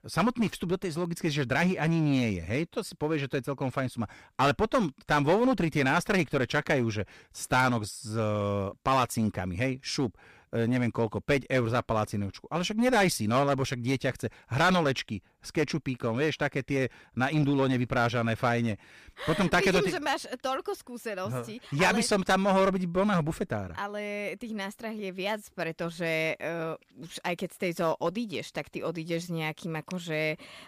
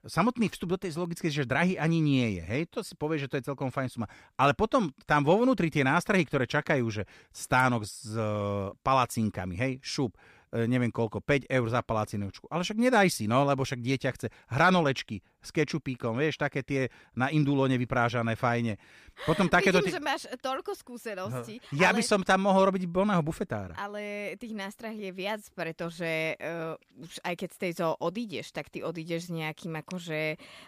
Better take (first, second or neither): second